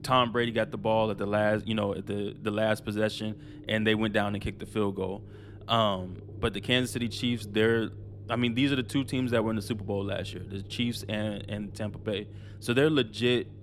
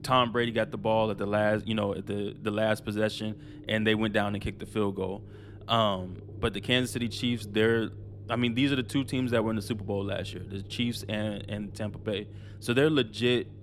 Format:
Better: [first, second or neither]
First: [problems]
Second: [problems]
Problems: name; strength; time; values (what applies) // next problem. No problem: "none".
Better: neither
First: low rumble; faint; throughout; 25 dB below the speech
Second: low rumble; faint; throughout; 25 dB below the speech